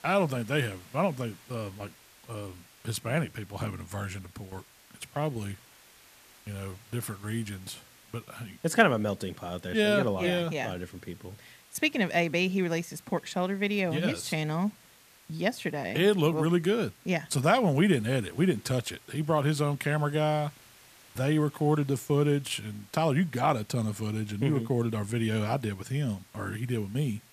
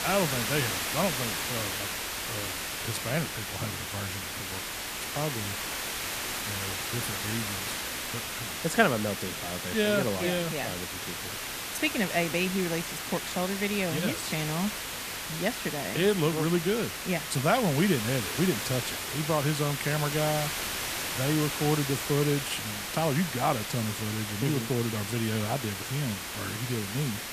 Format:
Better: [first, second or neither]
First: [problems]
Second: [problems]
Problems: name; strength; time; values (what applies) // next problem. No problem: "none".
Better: first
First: hiss; faint; throughout; 25 dB below the speech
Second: hiss; loud; throughout; 3 dB below the speech